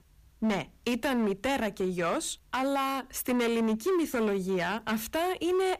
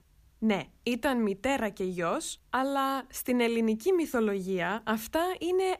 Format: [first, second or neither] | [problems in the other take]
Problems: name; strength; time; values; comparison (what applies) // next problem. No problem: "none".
second | distortion; slight; 15% of the sound clipped